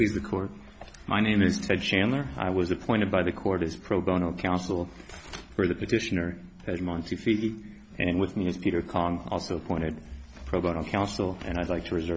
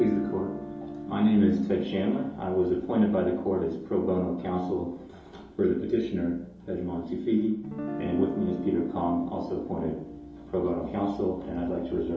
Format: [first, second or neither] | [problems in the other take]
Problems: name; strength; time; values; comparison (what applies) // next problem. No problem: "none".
first | background sound (Guitar); 14 dB below the speech // room echo; dies away in 2.8 s